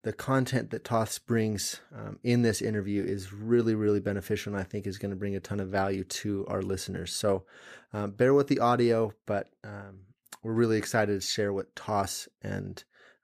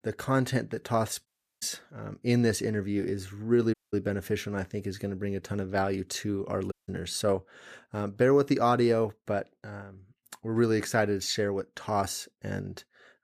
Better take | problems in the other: first | audio cutting out; at 1.5 s, at 3.5 s and at 6.5 s

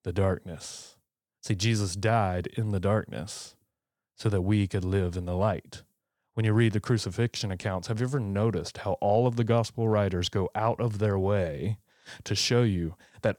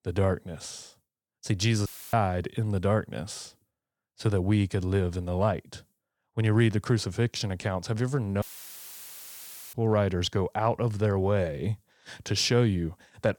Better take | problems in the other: first | audio cutting out; filled with static; at 2 s and at 8.5 s for 1.5 s

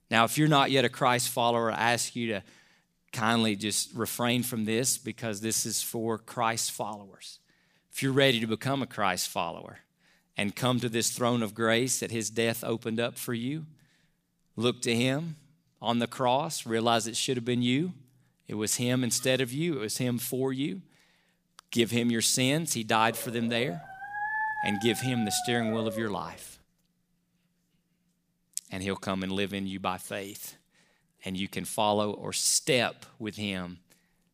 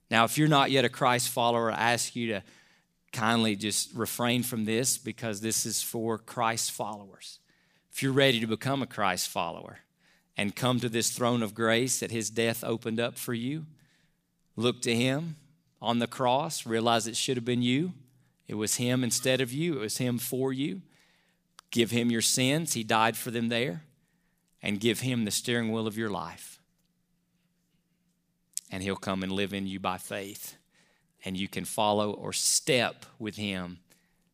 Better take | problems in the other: second | dog barking; noticeable; from 23 to 26 s; peak 2 dB below the speech

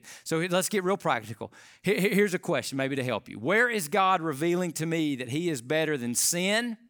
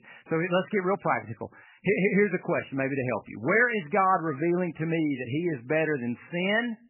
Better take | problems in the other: first | garbled, watery; badly; nothing above 3 kHz

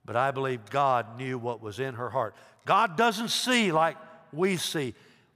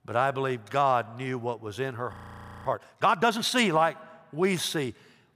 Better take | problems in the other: first | audio freezing; at 2 s for 0.5 s

